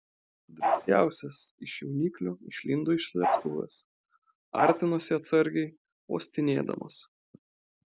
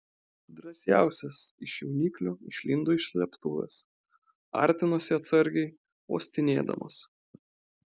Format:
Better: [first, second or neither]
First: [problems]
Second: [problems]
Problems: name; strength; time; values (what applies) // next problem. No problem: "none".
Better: second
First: background sound (Bark); 1 dB above the speech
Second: none